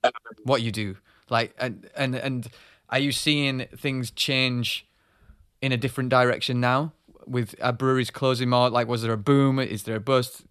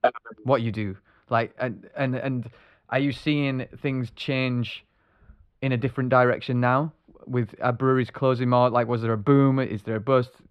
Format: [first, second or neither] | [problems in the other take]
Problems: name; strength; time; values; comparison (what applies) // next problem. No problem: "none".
first | muffled; slightly; fading above 4 kHz